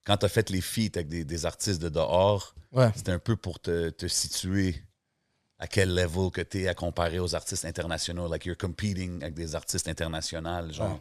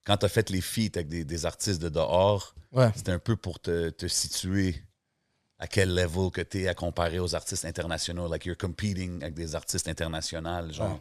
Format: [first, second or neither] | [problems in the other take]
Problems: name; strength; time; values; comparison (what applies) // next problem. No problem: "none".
neither | none